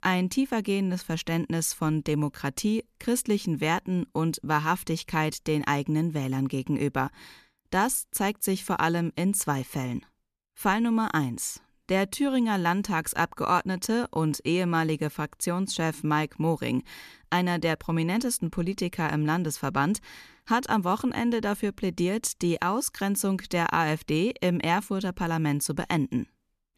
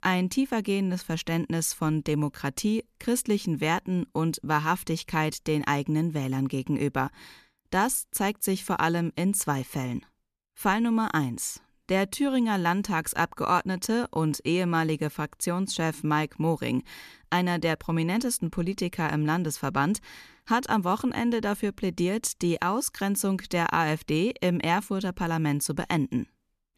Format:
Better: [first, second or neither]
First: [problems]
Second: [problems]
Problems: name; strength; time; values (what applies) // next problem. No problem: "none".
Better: neither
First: none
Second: none